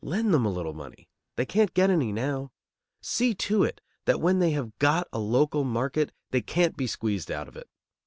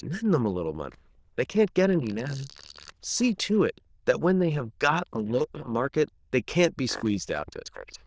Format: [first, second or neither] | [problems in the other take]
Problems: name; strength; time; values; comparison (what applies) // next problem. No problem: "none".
first | noise reduction (neural diffusion model UNIVERSE++)